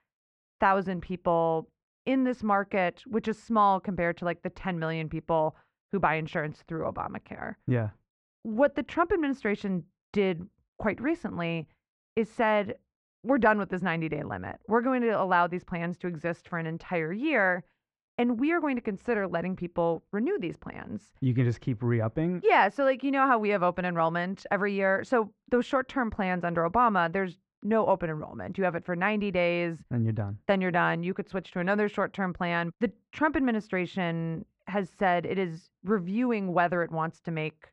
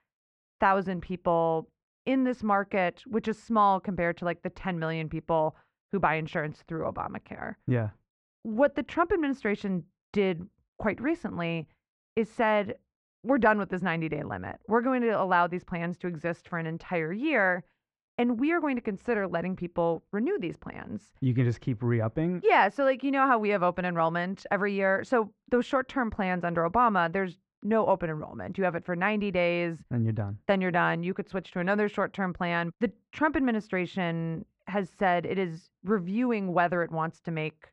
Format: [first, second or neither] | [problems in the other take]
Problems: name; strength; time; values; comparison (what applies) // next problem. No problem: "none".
neither | muffled; very; fading above 1.5 kHz; the same in both